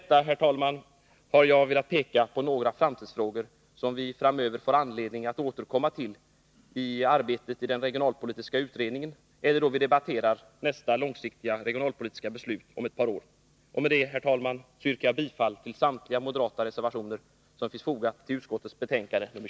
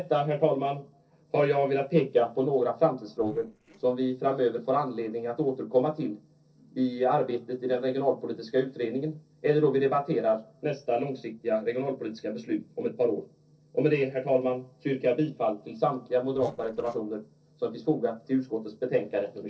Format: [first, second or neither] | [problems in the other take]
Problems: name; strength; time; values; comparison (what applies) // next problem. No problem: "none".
first | noise reduction (neural separator model SepFormer DNS4)